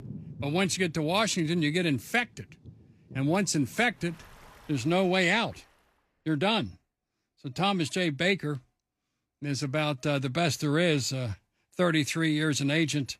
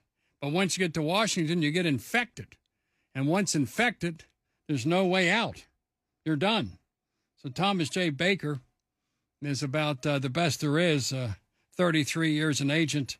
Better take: second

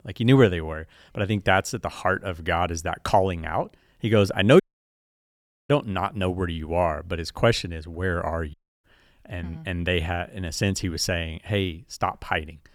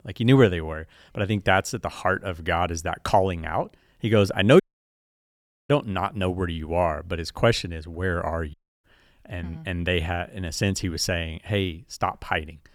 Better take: neither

